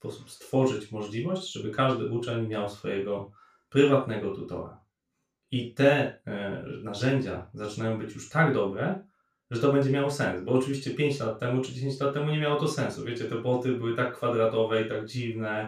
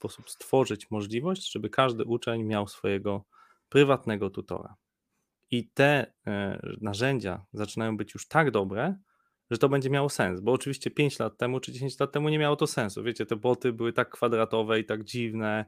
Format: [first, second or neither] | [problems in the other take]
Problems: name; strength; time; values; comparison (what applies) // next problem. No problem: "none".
second | room echo; noticeable; dies away in 0.2 s // off-mic speech; far